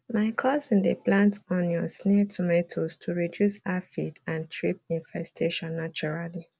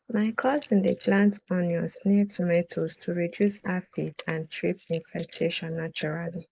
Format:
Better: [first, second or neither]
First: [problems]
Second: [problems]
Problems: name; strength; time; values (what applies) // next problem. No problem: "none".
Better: first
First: none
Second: noise reduction (neural mask model Resemble Enhance denoiser)